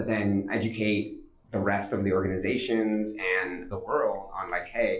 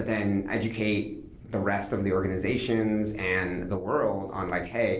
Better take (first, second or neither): second